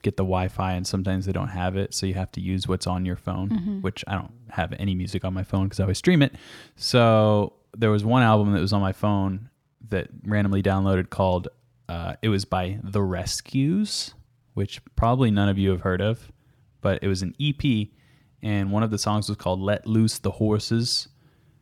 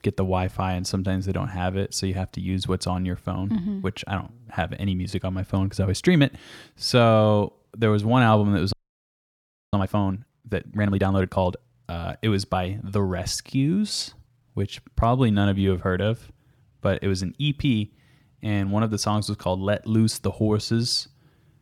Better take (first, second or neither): first